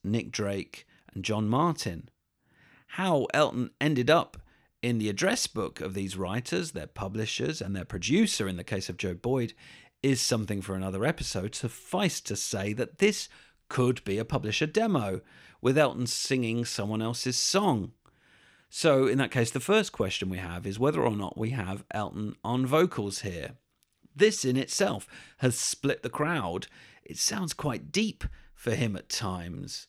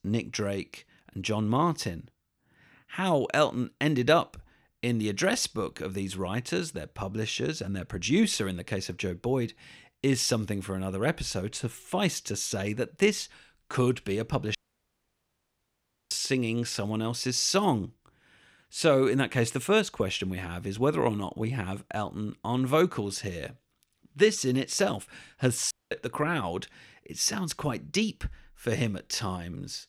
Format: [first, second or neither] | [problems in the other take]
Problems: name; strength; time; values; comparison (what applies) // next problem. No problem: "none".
first | audio cutting out; at 15 s for 1.5 s and at 26 s